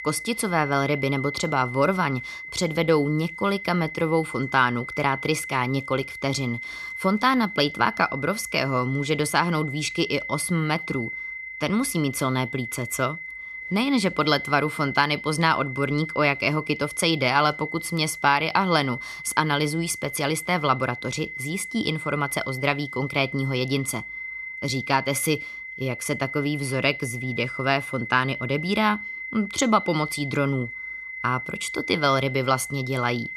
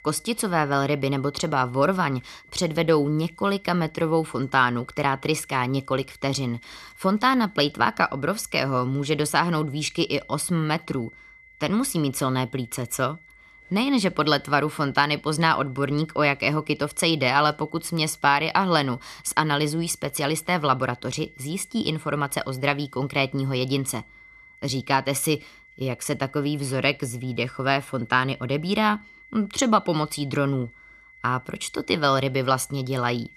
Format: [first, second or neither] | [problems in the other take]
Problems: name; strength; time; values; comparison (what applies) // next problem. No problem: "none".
second | high-pitched whine; loud; throughout; 2 kHz, 9 dB below the speech; faint in the second